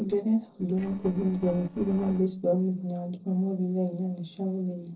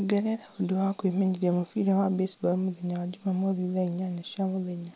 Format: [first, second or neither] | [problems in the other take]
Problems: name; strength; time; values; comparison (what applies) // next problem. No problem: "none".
second | noise reduction (neural separator model SepFormer DNS4)